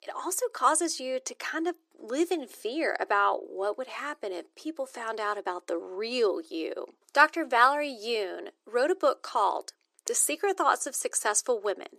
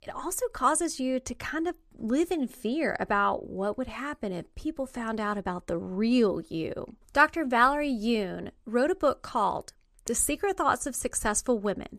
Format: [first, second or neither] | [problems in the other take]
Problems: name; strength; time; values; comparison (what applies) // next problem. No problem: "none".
second | thin; somewhat; fading below 350 Hz